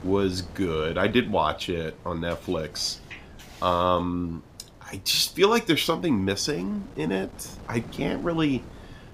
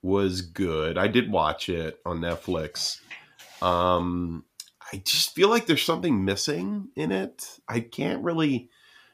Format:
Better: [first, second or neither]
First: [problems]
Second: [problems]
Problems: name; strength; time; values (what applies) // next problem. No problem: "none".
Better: second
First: wind noise on the microphone; occasional gusts; 25 dB below the speech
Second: none